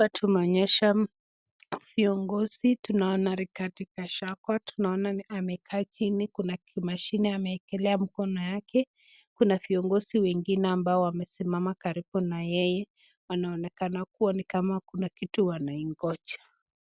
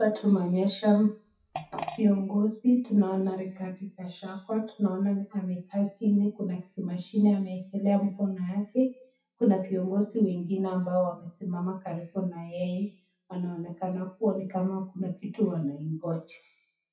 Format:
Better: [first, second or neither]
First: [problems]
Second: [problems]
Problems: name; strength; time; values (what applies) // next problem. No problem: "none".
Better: first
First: none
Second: noise reduction (classical method WPE with log-MMSE)